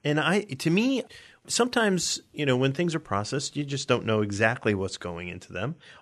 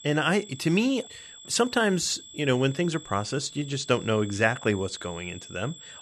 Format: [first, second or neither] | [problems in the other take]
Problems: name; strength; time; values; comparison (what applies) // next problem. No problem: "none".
first | high-pitched whine; noticeable; throughout; 3.5 kHz, 15 dB below the speech